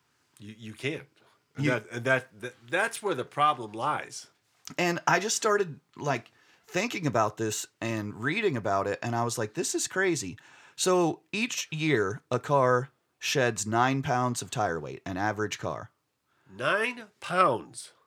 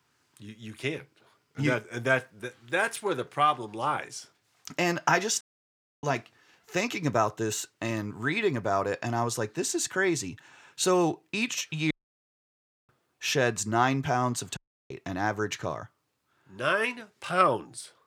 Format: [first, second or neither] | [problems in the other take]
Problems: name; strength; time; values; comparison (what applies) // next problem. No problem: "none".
first | audio cutting out; at 5.5 s for 0.5 s, at 12 s for 1 s and at 15 s